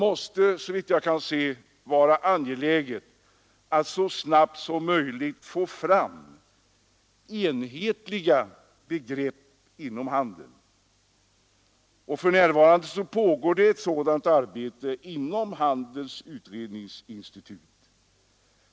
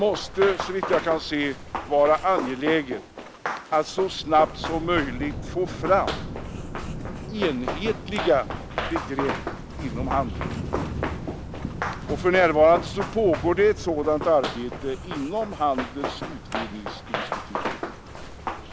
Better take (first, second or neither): first